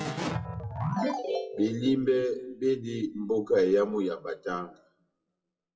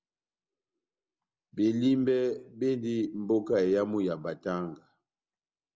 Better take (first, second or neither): second